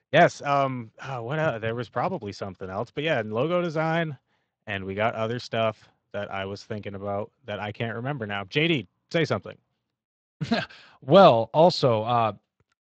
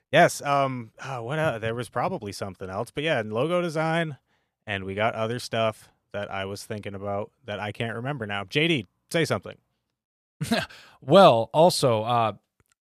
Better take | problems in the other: second | garbled, watery; slightly; nothing above 7.5 kHz

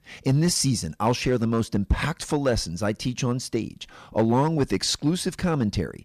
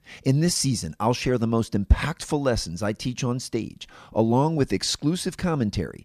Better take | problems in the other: second | distortion; slight; 3% of the sound clipped

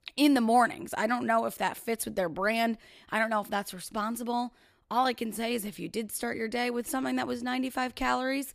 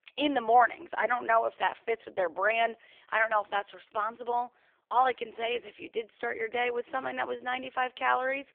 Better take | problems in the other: first | phone-call audio; poor line; nothing above 3.5 kHz

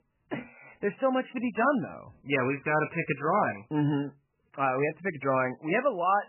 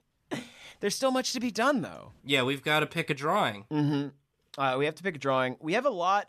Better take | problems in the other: second | garbled, watery; badly; nothing above 3 kHz

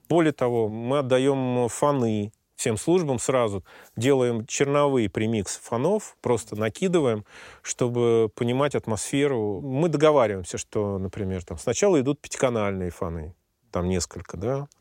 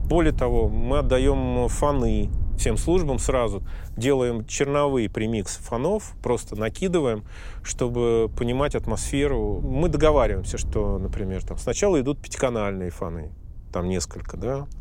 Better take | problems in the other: first | wind noise on the microphone; occasional gusts; 25 dB below the speech

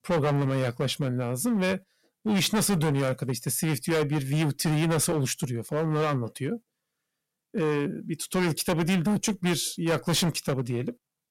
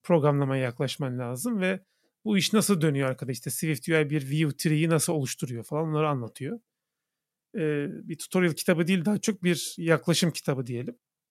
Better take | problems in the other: second | distortion; heavy; 14% of the sound clipped

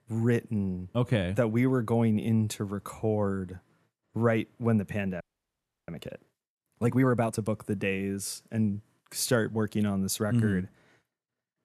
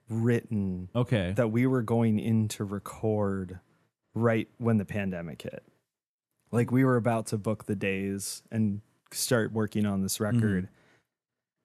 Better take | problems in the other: second | audio freezing; at 5 s for 0.5 s

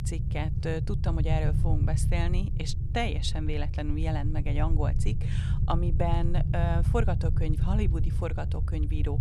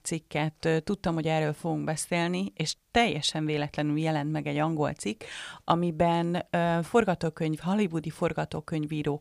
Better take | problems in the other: second | low rumble; loud; throughout; 8 dB below the speech

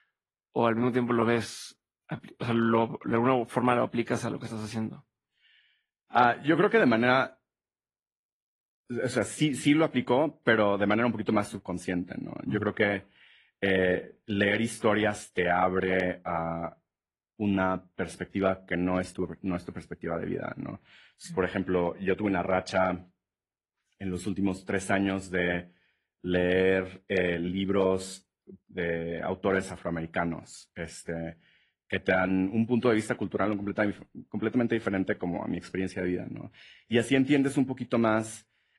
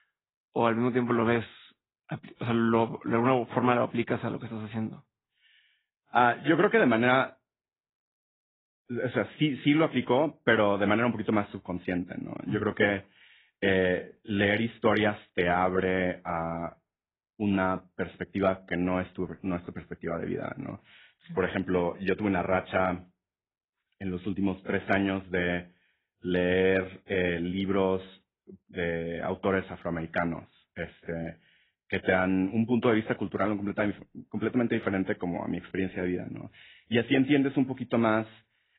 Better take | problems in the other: first | garbled, watery; badly; slightly in the first

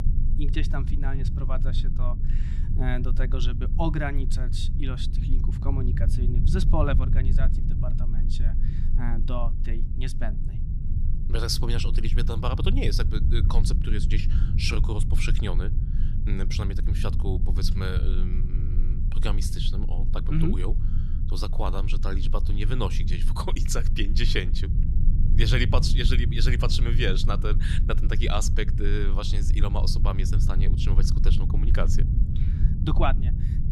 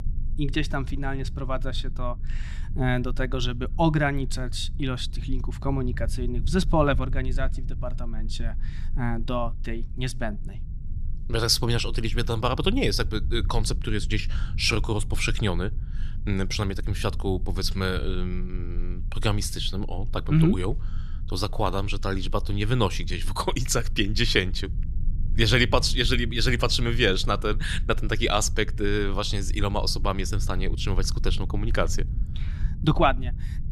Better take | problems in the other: second | low rumble; loud; throughout; 9 dB below the speech; faint in the second

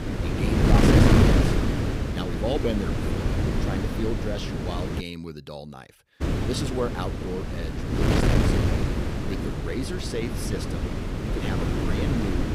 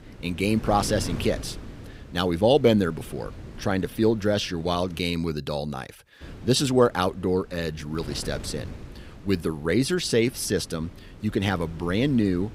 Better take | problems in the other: second | wind noise on the microphone; heavy; until 5 s and from 6 s on; 4 dB above the speech; occasional gusts in the second

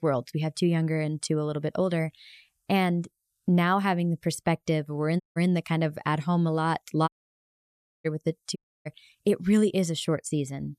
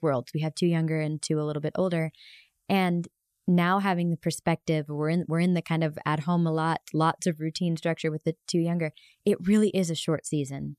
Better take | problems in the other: second | audio cutting out; at 5 s, at 7 s for 1 s and at 8.5 s

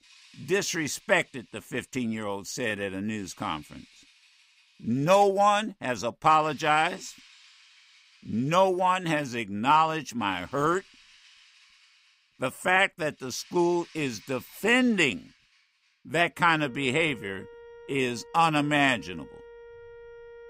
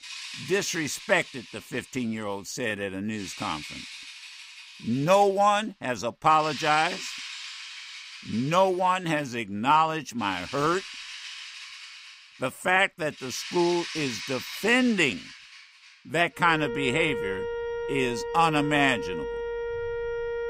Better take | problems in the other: first | background music; loud; throughout; 10 dB below the speech; faint in the first

